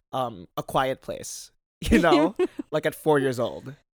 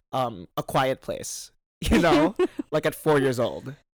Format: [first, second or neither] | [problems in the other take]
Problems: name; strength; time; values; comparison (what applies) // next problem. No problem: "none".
first | distortion; slight; 5% of the sound clipped